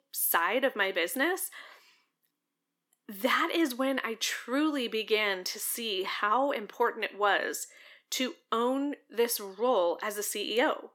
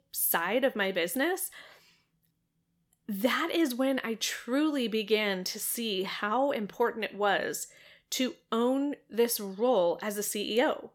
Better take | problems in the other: second | thin; very slightly; fading below 300 Hz

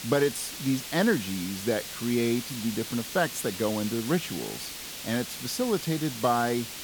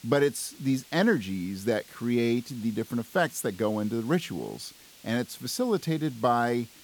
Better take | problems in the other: second | hiss; loud; throughout; 7 dB below the speech; faint in the second

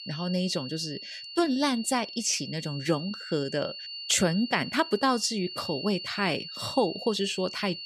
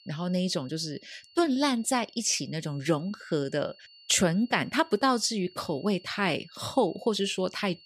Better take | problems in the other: second | high-pitched whine; loud; throughout; 4.5 kHz, 9 dB below the speech; faint in the second

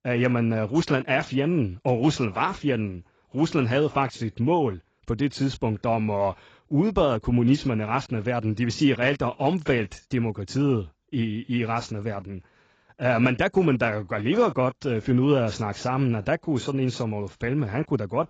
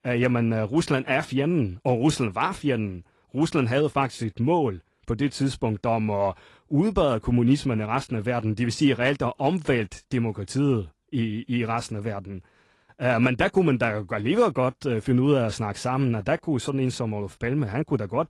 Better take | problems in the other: second | garbled, watery; badly; nothing above 7.5 kHz; slightly in the second

